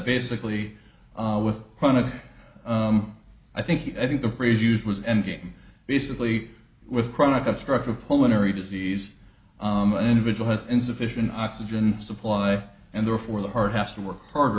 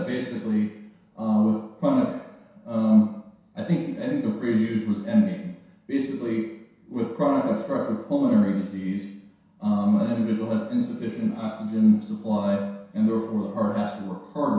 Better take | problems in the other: first | room echo; dies away in 0.7 s

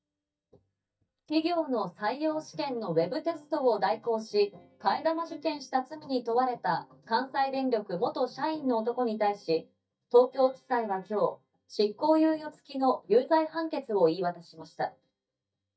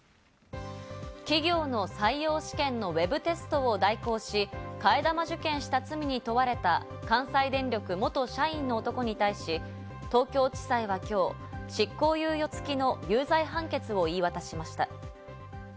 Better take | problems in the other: second | noise reduction (neural mask model DeepFilterNet 3)

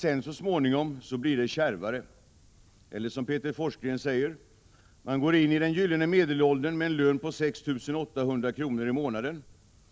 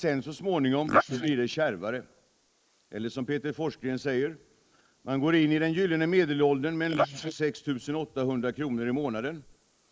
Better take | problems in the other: first | noise reduction (neural mask model Resemble Enhance denoiser)

